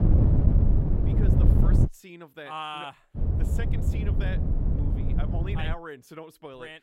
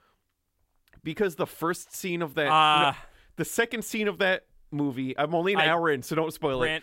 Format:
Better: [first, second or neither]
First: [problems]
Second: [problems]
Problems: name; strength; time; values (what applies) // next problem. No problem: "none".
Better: second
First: wind noise on the microphone; heavy; until 2 s and from 3 to 5.5 s; 1 dB above the speech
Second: none